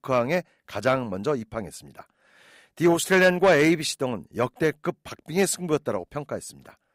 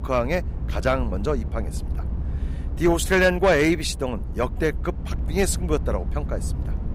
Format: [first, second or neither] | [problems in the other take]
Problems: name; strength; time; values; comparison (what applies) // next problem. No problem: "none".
first | low rumble; noticeable; throughout; 20 dB below the speech